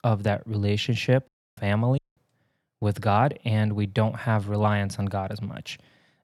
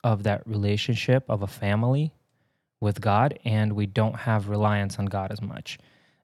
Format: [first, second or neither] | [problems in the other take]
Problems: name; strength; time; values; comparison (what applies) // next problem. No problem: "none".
second | audio cutting out; at 1.5 s and at 2 s